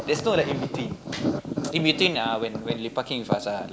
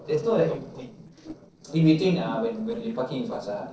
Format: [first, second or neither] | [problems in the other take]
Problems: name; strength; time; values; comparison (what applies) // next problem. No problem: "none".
first | noise reduction (neural separator model SepFormer DNS4)